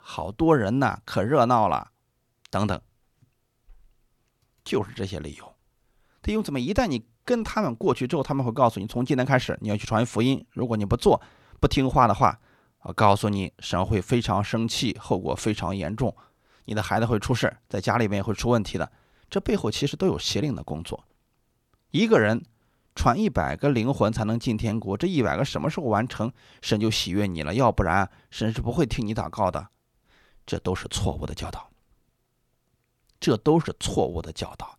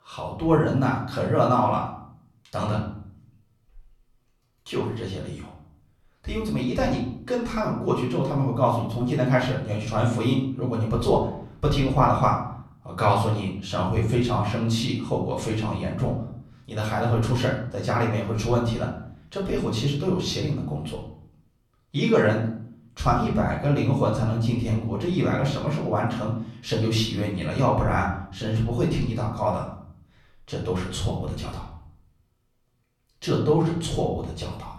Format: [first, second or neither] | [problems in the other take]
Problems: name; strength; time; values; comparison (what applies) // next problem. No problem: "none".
first | off-mic speech; far // room echo; slight; dies away in 0.6 s